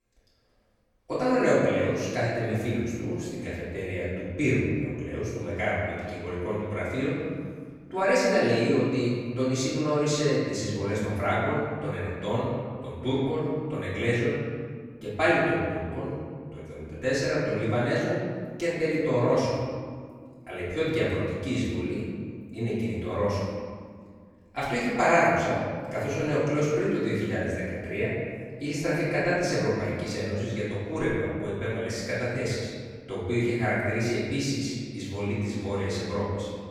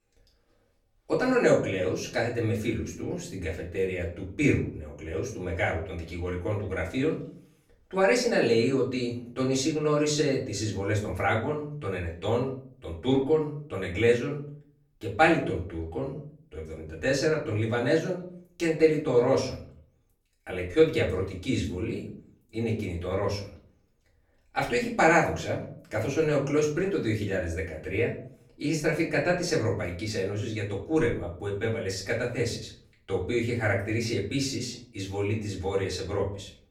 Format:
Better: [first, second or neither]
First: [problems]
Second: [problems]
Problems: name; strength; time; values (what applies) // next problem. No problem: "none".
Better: second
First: room echo; strong; dies away in 1.8 s // off-mic speech; far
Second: room echo; slight; dies away in 0.4 s // off-mic speech; far